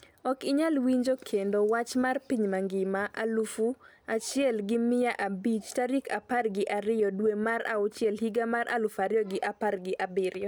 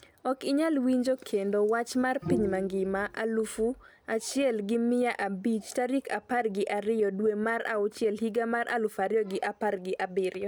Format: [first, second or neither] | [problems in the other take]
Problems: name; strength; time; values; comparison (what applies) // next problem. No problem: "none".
first | background sound (Bowed string instrument); 8 dB below the speech